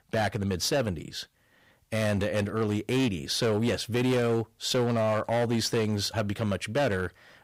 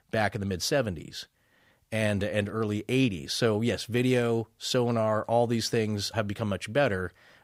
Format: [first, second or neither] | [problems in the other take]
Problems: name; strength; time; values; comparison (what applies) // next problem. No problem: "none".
second | distortion; slight; 13% of the sound clipped